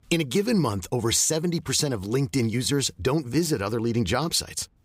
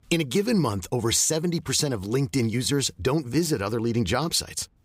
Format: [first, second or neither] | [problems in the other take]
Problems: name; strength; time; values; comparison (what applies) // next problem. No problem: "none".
neither | none